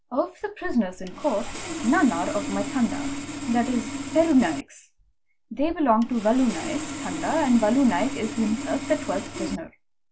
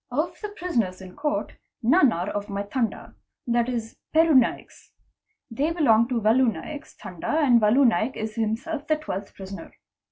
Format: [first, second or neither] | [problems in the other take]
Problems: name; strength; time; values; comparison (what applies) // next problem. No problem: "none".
second | background sound (Sawing); 8 dB below the speech